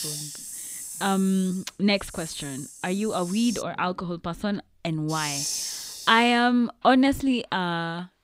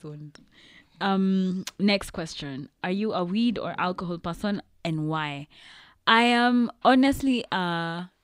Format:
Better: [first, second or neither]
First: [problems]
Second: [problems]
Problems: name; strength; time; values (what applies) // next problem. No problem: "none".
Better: second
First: hiss; loud; until 3.5 s and from 5 to 7 s; 9 dB below the speech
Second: none